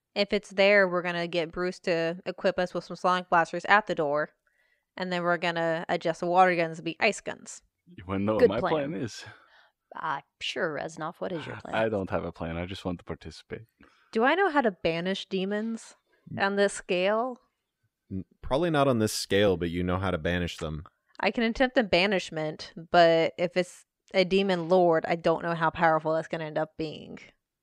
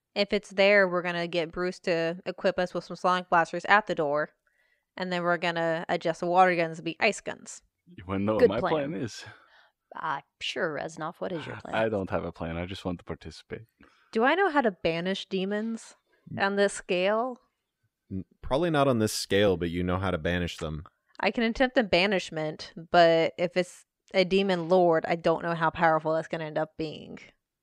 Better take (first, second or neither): neither